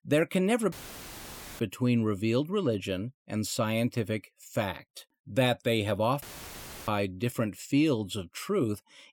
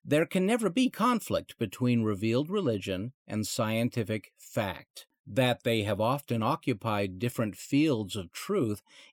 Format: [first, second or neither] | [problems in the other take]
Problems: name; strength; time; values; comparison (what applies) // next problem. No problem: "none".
second | audio cutting out; filled with static; at 0.5 s for 1 s and at 6 s for 0.5 s